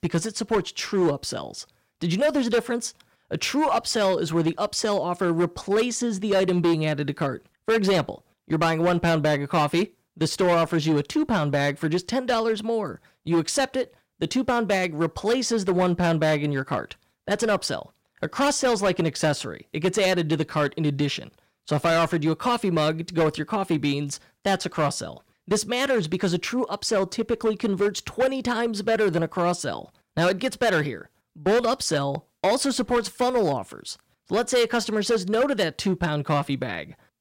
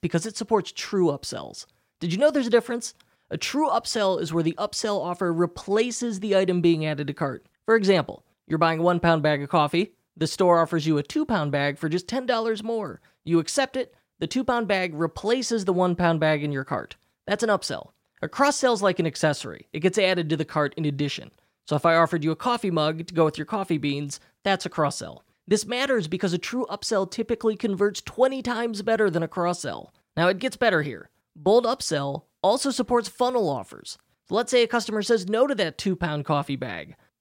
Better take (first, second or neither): second